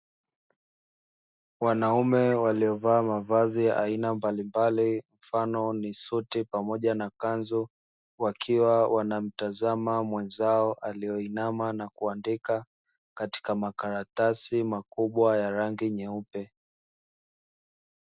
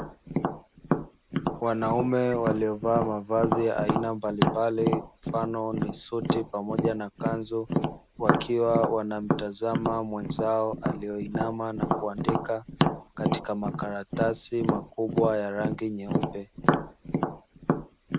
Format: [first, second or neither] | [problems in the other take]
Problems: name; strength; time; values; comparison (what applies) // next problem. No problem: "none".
first | background sound (Tap); 1 dB below the speech